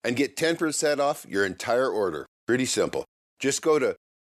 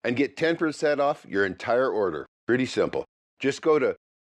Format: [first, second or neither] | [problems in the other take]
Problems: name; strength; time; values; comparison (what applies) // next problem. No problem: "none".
first | muffled; slightly; fading above 3 kHz